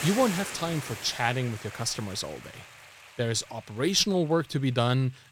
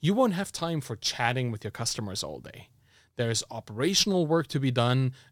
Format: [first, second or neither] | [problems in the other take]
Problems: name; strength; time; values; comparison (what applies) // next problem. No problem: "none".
second | hiss; noticeable; throughout; 10 dB below the speech